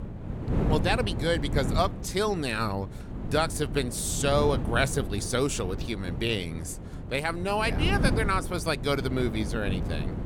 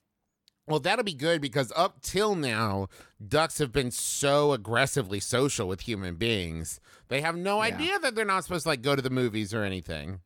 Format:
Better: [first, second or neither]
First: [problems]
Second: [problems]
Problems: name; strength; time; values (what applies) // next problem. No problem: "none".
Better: second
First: wind noise on the microphone; occasional gusts; 10 dB below the speech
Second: none